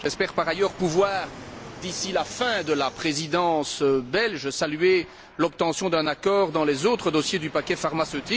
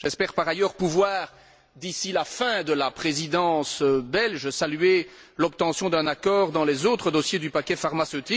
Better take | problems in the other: second | background sound (Fixed-wing aircraft, airplane); 19 dB below the speech

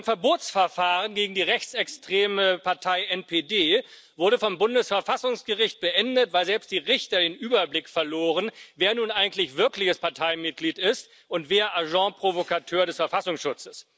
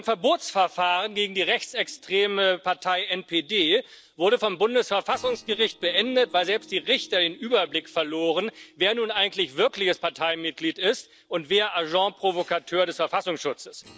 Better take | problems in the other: first | noise reduction (neural separator model SepFormer DNS4)

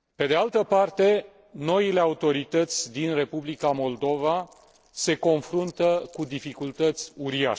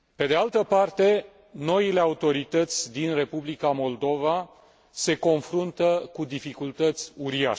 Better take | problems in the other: second | noise reduction (neural separator model SepFormer DNS4)

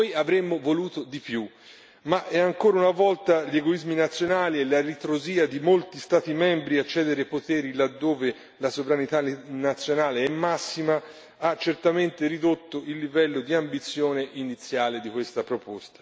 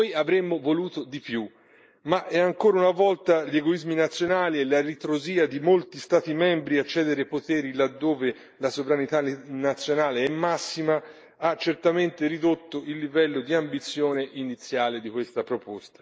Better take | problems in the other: first | noise reduction (neural mask model Resemble Enhance denoiser)

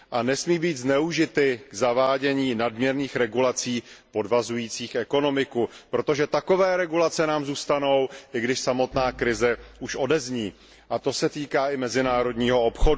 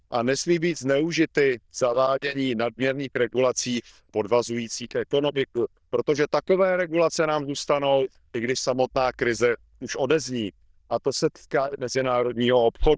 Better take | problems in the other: first | noise reduction (neural diffusion model UNIVERSE++)

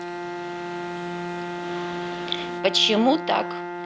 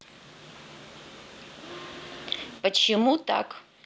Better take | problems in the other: second | background sound (Bowed string instrument); 5 dB below the speech

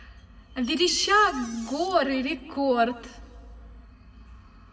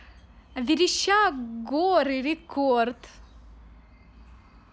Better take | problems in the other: second | background sound (Door); 19 dB below the speech // room echo; dies away in 1.9 s

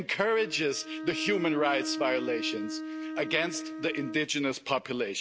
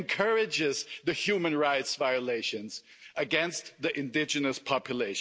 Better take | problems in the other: second | background sound (Bowed string instrument); 8 dB below the speech

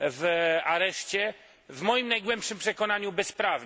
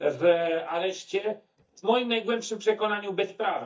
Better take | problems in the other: first | noise reduction (neural mask model DeepFilterNet 3)

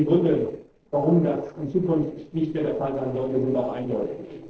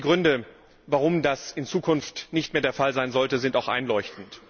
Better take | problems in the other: second | noise reduction (neural separator model SepFormer DNS4)

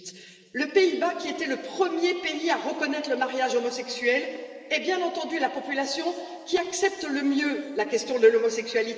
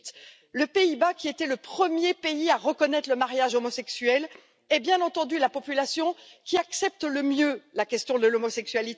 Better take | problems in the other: second | room echo; dies away in 2.9 s

